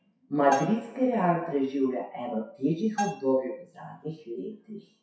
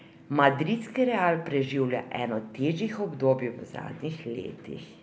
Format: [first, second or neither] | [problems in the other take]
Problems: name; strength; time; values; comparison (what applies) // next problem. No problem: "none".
second | noise reduction (classical method WPE with log-MMSE)